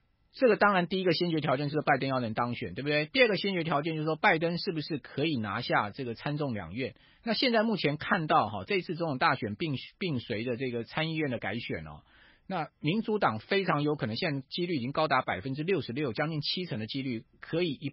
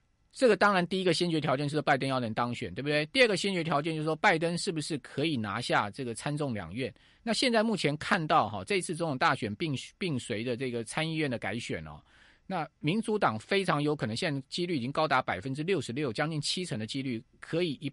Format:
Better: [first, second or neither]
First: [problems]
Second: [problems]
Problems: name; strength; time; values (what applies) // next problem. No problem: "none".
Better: second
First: garbled, watery; badly; nothing above 5.5 kHz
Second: garbled, watery; slightly; nothing above 10.5 kHz